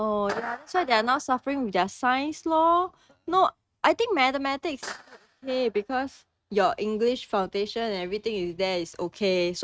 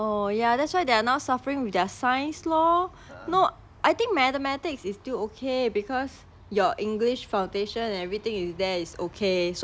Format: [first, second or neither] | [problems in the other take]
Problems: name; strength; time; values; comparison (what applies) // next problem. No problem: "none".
second | noise reduction (neural mask model RNNoise)